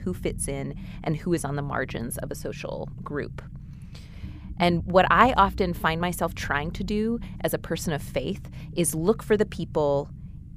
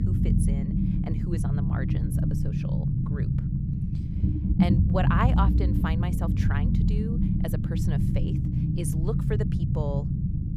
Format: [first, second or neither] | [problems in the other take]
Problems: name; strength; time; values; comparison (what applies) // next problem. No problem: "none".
first | low rumble; loud; throughout; 1 dB below the speech; faint in the first